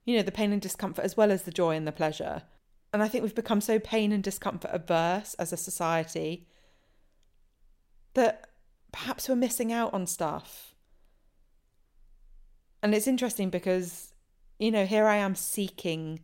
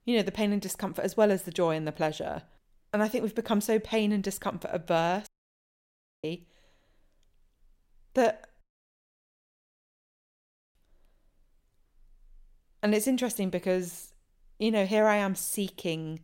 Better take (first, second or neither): first